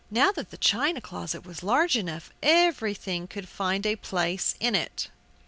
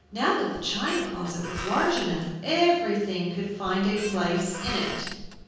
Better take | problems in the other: first | background sound (Squeak); 11 dB below the speech // room echo; dies away in 1.3 s

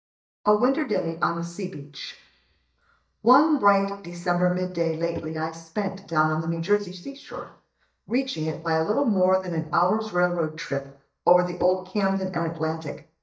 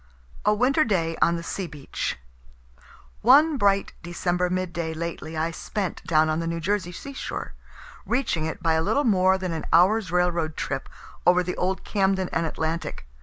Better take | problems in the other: second | noise reduction (neural mask model DeepFilterNet 3)

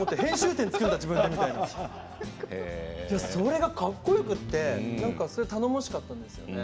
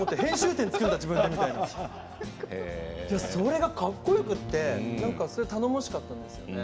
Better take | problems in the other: first | background sound (Brass instrument); 19 dB below the speech

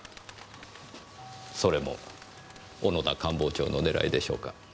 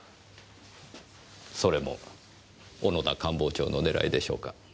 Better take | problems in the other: second | background sound (Bird + Chime / Clock); 18 dB below the speech

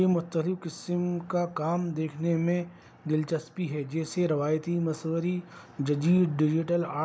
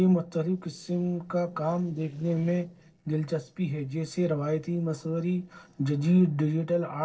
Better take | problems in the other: first | noise reduction (neural separator model SepFormer DNS4)

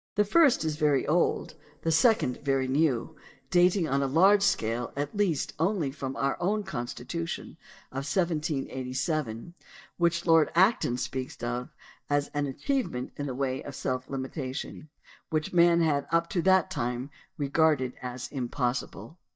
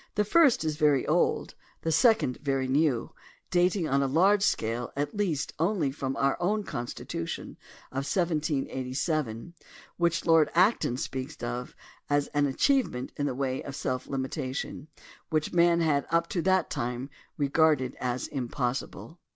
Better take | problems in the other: second | noise reduction (neural mask model DeepFilterNet 3)

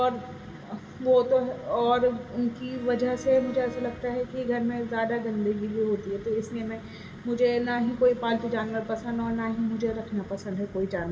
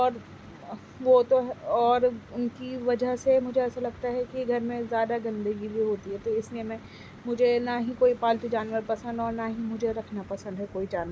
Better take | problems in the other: second | background sound (Bowed string instrument); 17 dB below the speech // room echo; dies away in 1.6 s

